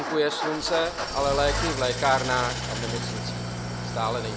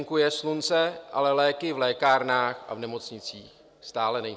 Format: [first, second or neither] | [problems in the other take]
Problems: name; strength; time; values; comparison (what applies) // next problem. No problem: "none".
second | background sound (Idling / Engine starting); 3 dB below the speech